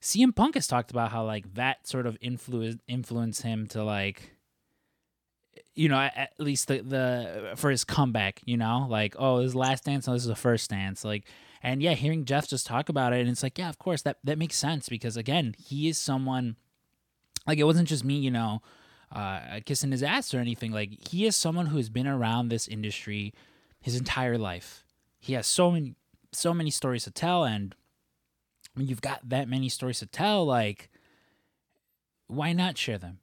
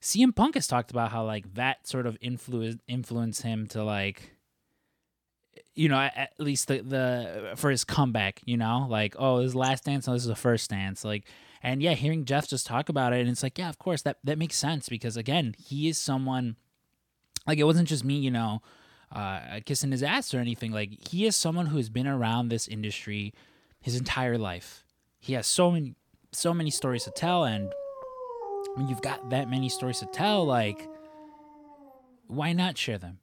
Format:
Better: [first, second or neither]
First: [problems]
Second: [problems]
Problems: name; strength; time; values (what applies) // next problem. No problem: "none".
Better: first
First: none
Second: dog barking; noticeable; from 27 to 32 s; peak 7 dB below the speech